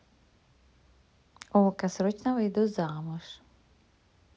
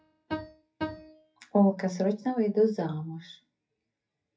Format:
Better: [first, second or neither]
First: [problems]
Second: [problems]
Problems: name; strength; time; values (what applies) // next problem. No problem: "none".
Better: first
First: none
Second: noise reduction (classical method WPE with log-MMSE)